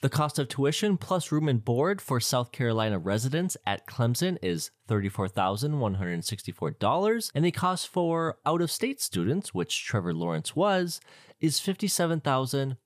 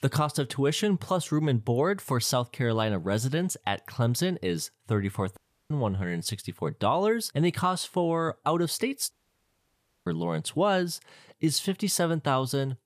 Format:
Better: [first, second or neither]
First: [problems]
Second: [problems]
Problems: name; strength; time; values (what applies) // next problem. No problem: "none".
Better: first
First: none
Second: audio cutting out; at 5.5 s and at 9 s for 1 s